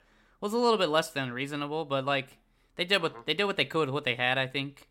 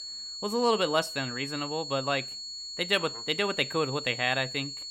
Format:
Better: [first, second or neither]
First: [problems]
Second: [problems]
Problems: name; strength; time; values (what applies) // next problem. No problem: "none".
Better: first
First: none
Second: high-pitched whine; loud; throughout; 4.5 kHz, 7 dB below the speech